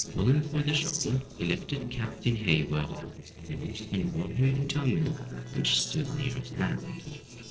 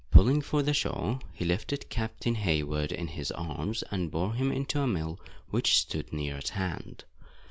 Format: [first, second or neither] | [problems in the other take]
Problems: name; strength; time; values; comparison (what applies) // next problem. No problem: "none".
second | noise reduction (neural separator model SepFormer DNS4)